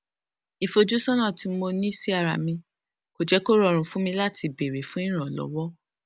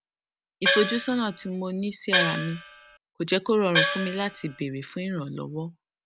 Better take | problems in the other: first | background sound (Gong); 1 dB above the speech

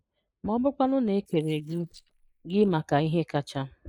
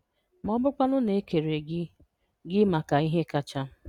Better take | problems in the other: second | noise reduction (neural mask model Resemble Enhance denoiser)

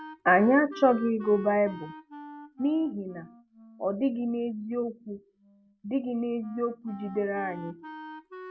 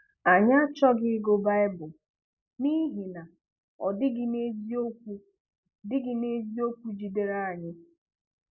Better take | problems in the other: second | background sound (Wind instrument, woodwind instrument); 17 dB below the speech

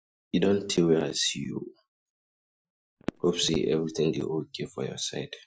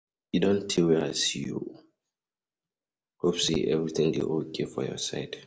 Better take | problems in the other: second | noise reduction (classical method Wiener filter)

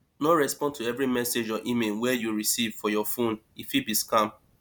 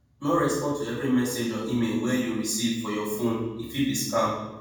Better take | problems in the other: first | room echo; dies away in 1.1 s

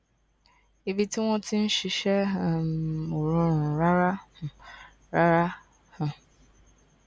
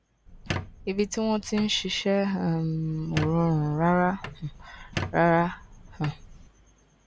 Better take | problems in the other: first | background sound (Squeak); 11 dB below the speech

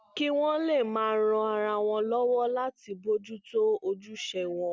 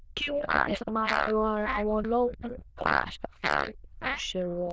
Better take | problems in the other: first | noise reduction (neural diffusion model UNIVERSE++)

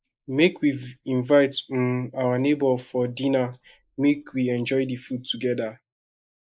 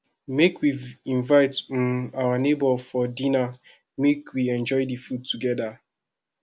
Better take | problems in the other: second | noise reduction (neural mask model Resemble Enhance denoiser)

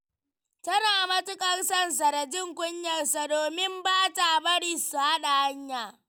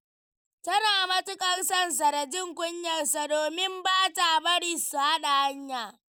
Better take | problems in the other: first | noise reduction (neural mask model Resemble Enhance denoiser)

